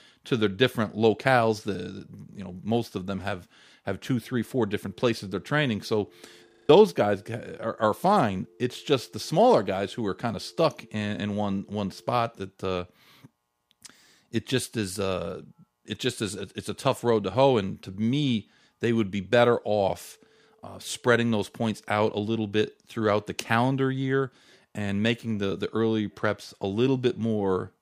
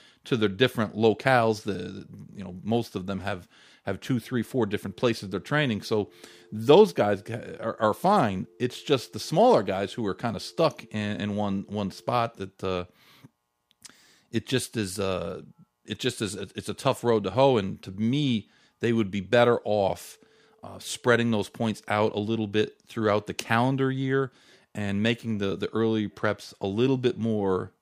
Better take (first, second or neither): second